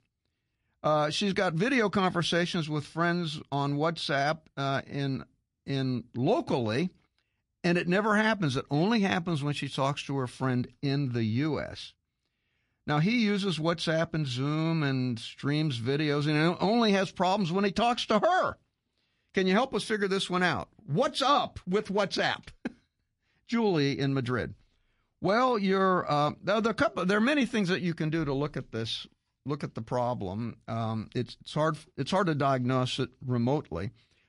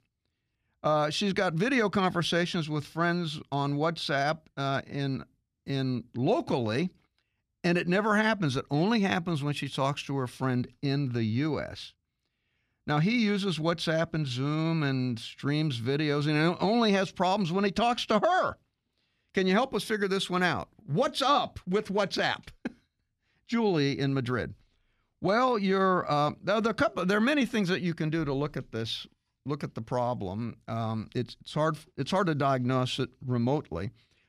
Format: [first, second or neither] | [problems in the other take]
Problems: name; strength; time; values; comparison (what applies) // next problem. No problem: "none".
second | garbled, watery; slightly; nothing above 11 kHz